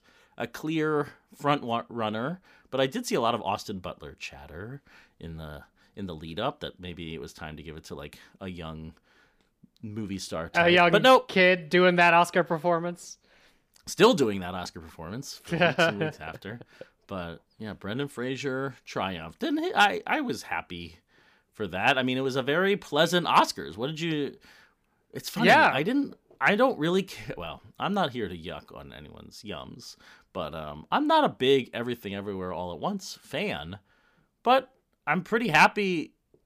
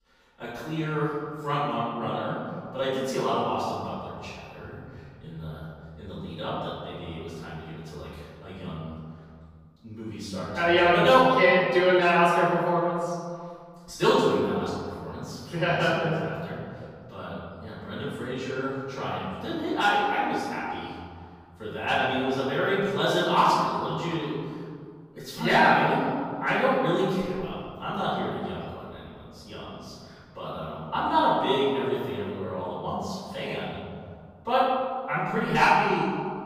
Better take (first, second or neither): first